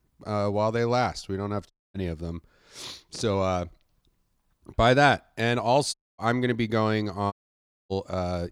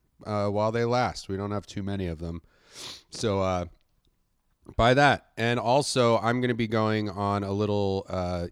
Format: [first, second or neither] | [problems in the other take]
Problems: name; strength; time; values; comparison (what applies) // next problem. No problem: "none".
second | audio cutting out; at 1.5 s, at 6 s and at 7.5 s for 0.5 s